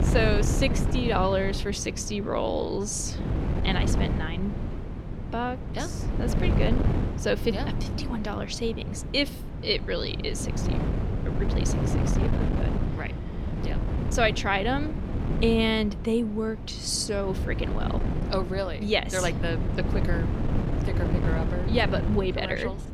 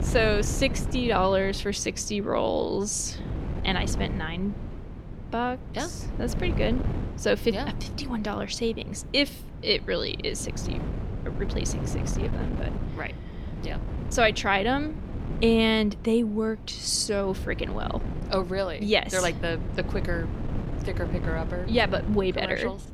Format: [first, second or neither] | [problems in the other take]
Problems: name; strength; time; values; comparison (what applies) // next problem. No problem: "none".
second | wind noise on the microphone; heavy; 8 dB below the speech; occasional gusts in the second